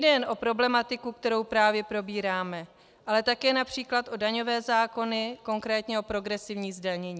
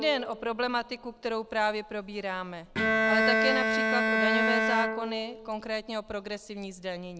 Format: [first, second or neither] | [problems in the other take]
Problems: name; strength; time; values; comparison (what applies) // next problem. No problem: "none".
first | background sound (Bowed string instrument); 2 dB above the speech